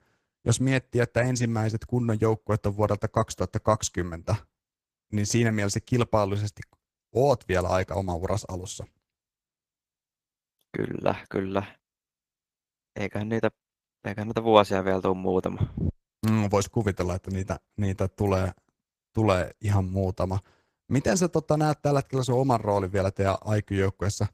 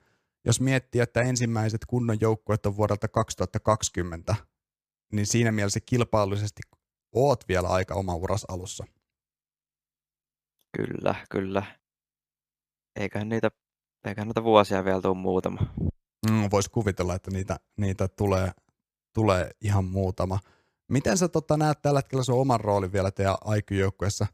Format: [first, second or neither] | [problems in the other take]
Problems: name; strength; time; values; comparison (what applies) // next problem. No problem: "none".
second | garbled, watery; slightly; nothing above 14.5 kHz